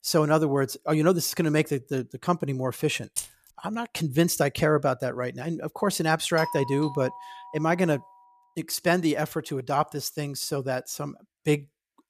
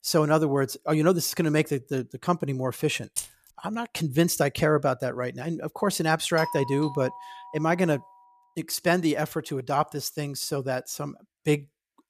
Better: neither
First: jangling keys; noticeable; at 3 s; peak 6 dB below the speech // doorbell; noticeable; from 6.5 to 8 s; peak 8 dB below the speech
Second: jangling keys; noticeable; at 3 s; peak 6 dB below the speech // doorbell; noticeable; from 6.5 to 8 s; peak 8 dB below the speech

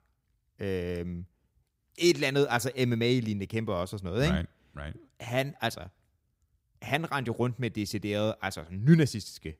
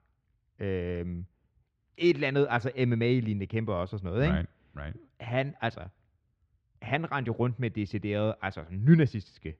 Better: first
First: none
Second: muffled; slightly; fading above 3 kHz

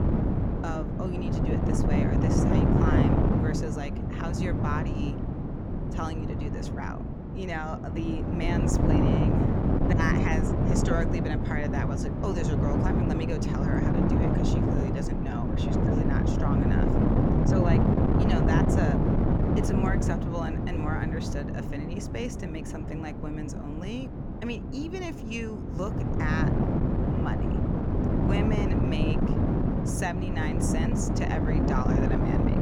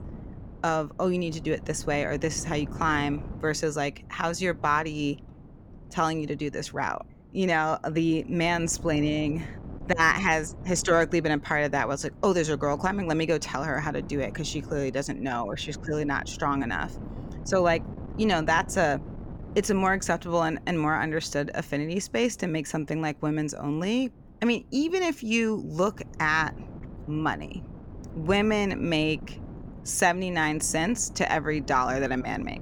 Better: second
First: wind noise on the microphone; heavy; 3 dB above the speech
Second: wind noise on the microphone; occasional gusts; 20 dB below the speech

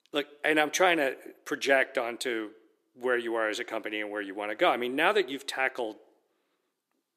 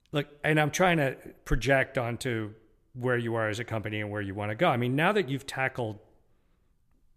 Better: second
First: thin; somewhat; fading below 300 Hz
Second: none

